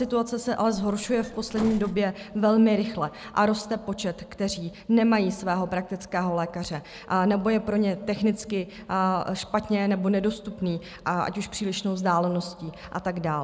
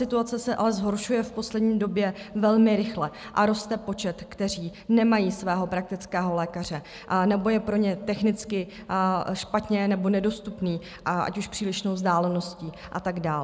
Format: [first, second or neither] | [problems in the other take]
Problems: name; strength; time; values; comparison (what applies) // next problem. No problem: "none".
second | background sound (Bus); 15 dB below the speech